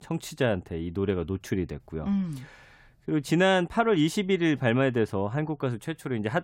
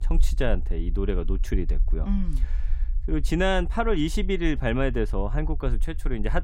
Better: first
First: none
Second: low rumble; faint; throughout; 25 dB below the speech

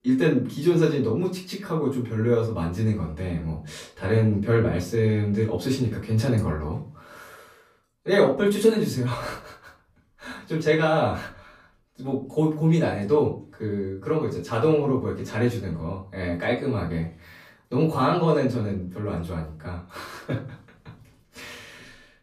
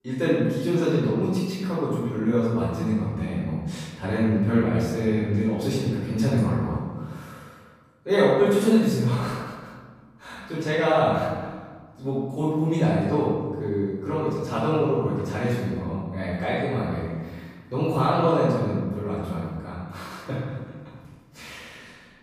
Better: first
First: room echo; slight; dies away in 0.3 s // off-mic speech; far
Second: room echo; strong; dies away in 1.4 s // off-mic speech; far

